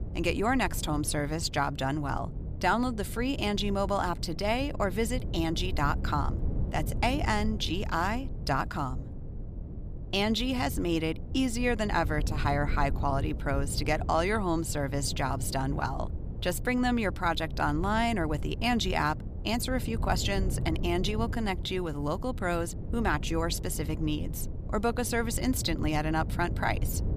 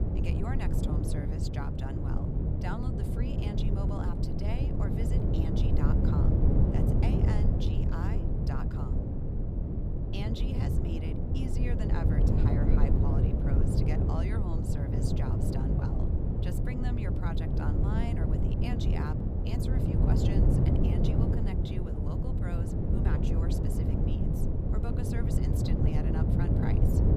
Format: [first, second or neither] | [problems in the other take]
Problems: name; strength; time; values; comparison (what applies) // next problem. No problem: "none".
first | wind noise on the microphone; heavy; 5 dB above the speech; occasional gusts in the first